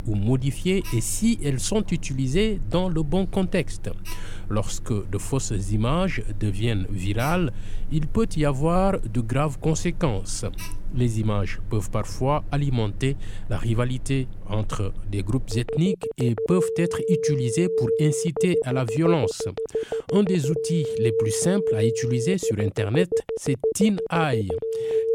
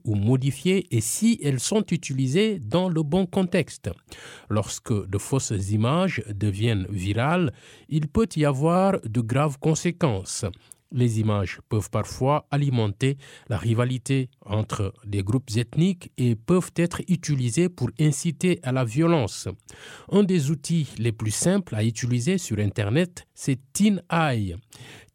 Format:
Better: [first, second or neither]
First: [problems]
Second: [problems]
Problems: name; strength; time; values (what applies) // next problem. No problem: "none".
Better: second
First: alarms or sirens; loud; throughout; 5 dB below the speech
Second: none